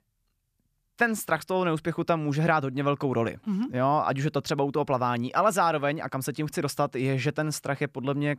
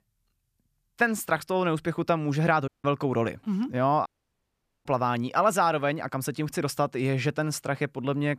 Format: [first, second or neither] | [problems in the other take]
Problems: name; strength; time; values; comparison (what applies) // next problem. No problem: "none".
first | audio cutting out; at 2.5 s and at 4 s for 1 s